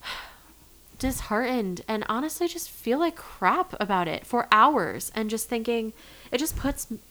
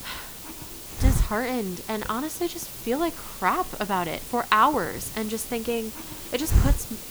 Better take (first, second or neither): first